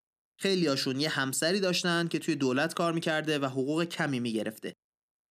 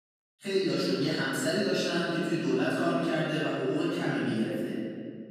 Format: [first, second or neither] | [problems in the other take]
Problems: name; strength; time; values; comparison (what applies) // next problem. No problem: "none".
first | off-mic speech; far // room echo; strong; dies away in 2.4 s